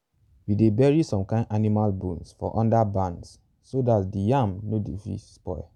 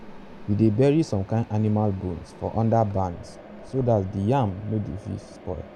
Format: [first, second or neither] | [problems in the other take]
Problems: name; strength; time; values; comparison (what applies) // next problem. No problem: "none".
first | background sound (Mechanisms); 18 dB below the speech